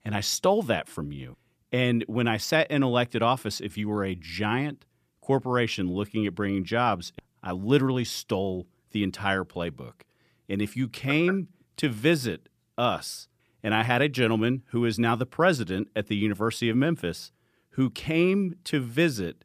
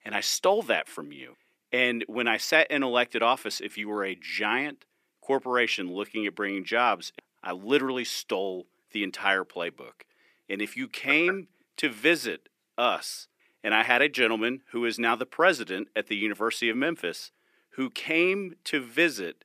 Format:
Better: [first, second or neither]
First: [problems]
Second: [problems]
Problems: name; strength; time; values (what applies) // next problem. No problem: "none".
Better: first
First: none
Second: thin; somewhat; fading below 300 Hz